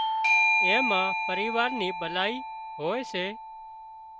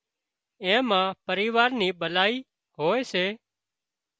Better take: second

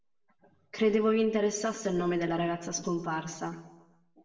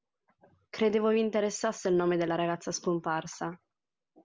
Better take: second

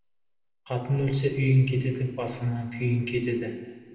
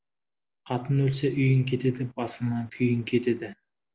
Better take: second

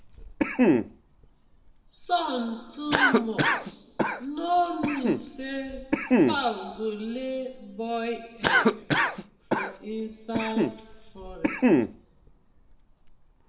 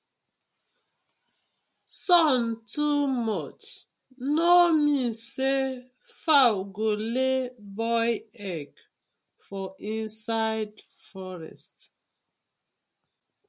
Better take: second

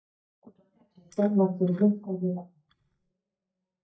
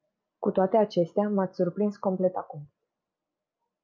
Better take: second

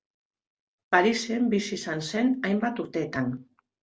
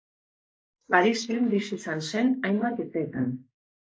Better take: first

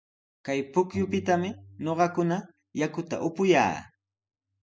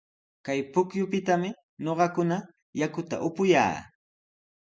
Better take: second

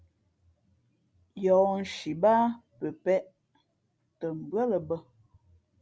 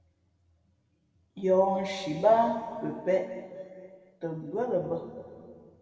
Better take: first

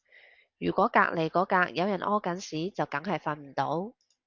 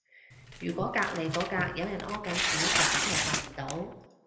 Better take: first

